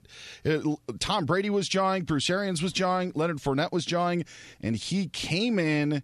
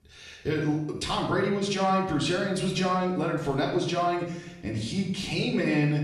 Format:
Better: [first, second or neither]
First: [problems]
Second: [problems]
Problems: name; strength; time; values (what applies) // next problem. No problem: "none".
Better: first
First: none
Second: off-mic speech; far // room echo; noticeable; dies away in 0.7 s